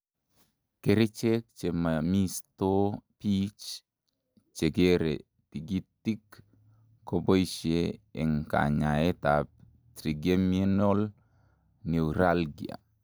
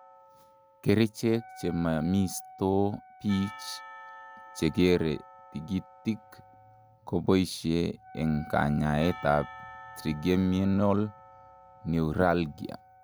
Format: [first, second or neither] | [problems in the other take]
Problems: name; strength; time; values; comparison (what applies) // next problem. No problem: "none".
first | background sound (Wind instrument, woodwind instrument + Percussion); 19 dB below the speech